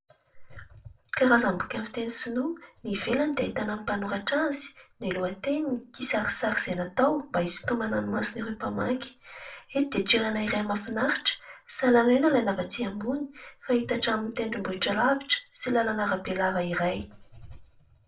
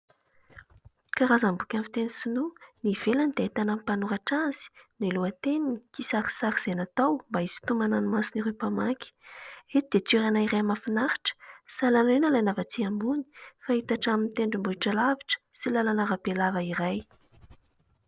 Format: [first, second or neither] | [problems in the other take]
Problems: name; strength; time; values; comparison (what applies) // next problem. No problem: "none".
second | room echo; dies away in 0.2 s